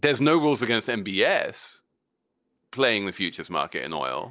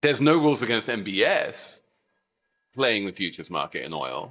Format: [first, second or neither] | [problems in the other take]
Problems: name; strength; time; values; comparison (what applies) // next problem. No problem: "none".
first | noise reduction (neural mask model DeepFilterNet 3)